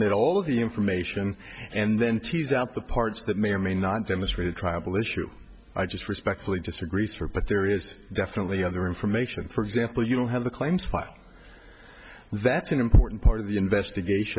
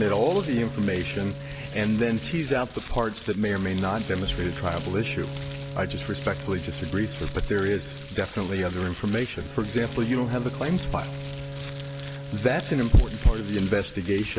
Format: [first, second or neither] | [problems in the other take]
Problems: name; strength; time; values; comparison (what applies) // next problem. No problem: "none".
first | background sound (Crumpling, crinkling + Bowed string instrument); 10 dB below the speech